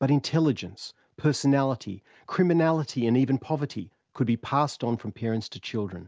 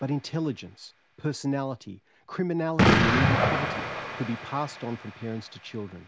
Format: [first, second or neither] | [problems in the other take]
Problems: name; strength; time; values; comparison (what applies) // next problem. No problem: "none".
first | background sound (Explosion); 3 dB above the speech